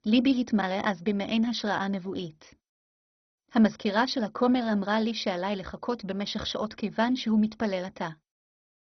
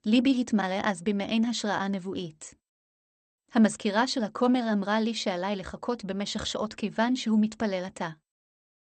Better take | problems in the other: second | garbled, watery; badly; nothing above 6 kHz; slightly in the second

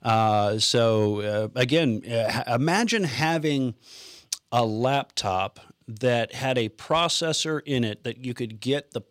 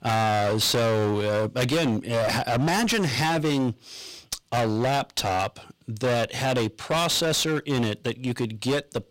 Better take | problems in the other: first | distortion; heavy; 29% of the sound clipped

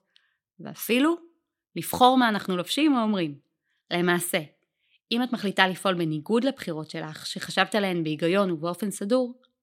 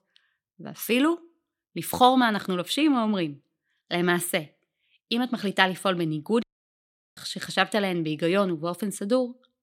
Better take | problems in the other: first | audio cutting out; at 6.5 s for 0.5 s

